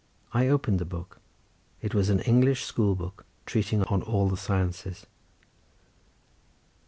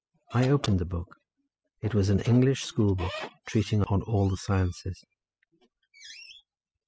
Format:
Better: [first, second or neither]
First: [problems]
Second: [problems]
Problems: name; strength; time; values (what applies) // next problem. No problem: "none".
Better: first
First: none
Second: noise reduction (classical method spectral subtraction)